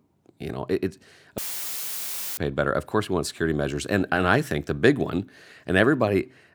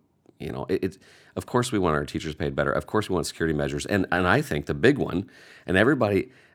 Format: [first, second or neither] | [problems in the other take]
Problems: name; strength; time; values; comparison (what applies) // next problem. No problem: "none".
second | audio cutting out; filled with static; at 1.5 s for 1 s